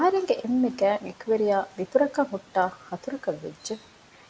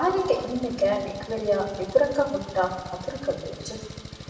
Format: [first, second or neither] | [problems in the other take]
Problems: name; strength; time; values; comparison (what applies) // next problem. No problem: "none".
first | background sound (Engine); 14 dB below the speech // room echo; dies away in 1.2 s